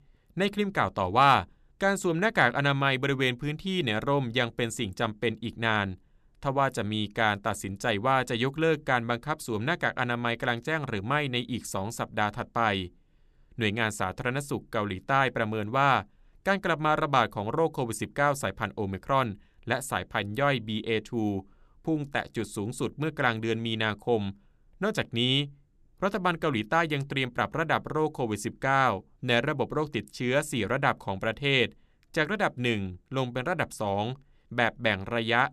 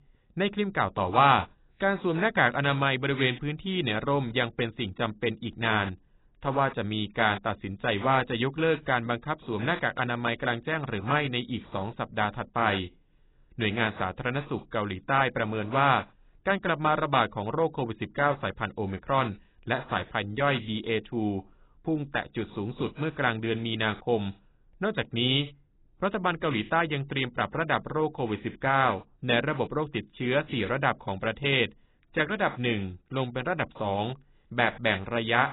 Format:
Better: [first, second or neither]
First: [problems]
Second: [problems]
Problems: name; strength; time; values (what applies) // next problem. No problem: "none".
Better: first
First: none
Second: garbled, watery; badly; nothing above 4 kHz